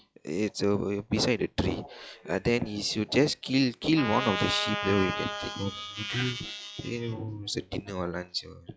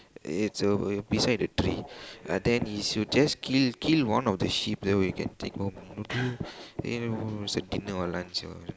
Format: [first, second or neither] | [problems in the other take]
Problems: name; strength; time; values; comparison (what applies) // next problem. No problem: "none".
second | noise reduction (classical method log-MMSE)